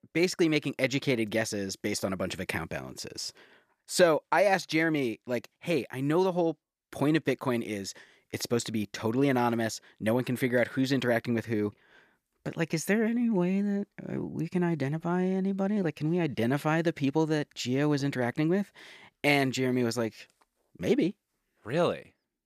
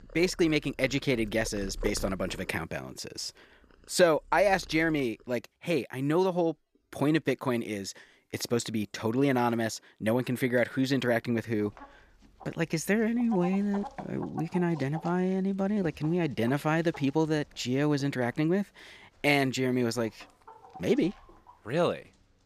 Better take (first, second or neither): first